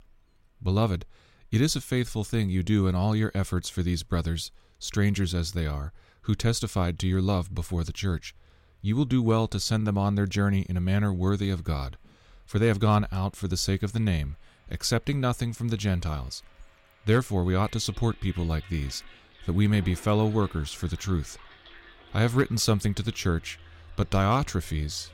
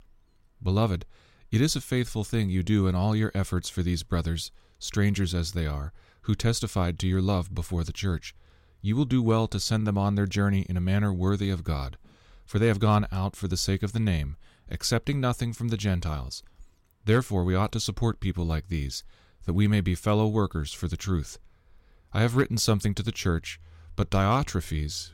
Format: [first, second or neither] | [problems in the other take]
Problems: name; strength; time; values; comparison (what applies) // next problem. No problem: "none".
second | household noises; faint; throughout; 25 dB below the speech